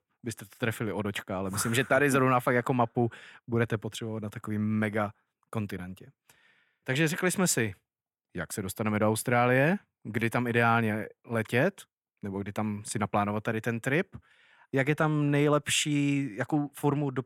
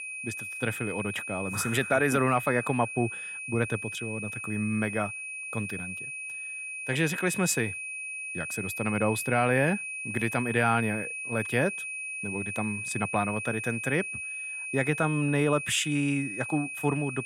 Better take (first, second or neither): first